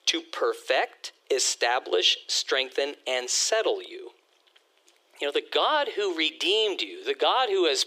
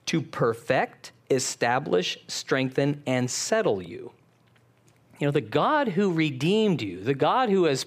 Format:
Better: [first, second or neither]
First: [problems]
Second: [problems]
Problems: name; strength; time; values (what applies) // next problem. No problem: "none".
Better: second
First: thin; very; fading below 350 Hz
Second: none